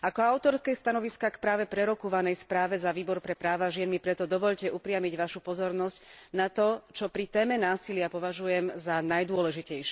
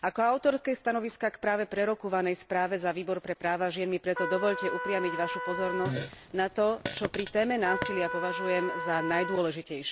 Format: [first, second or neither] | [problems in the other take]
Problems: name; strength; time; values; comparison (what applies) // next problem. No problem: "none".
first | background sound (Trumpet + Fart); 6 dB below the speech